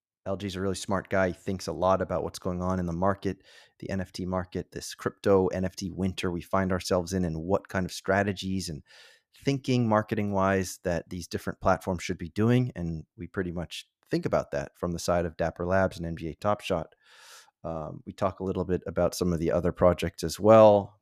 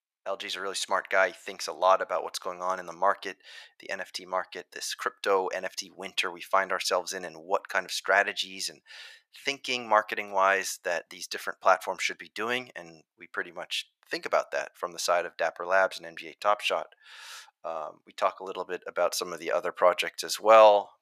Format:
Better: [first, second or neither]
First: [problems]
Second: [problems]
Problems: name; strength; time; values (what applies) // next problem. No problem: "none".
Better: first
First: none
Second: thin; very; fading below 800 Hz